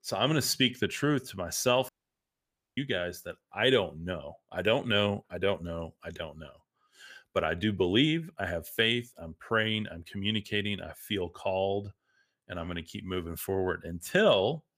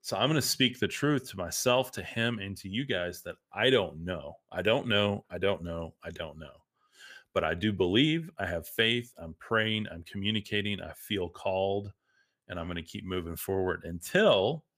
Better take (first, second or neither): second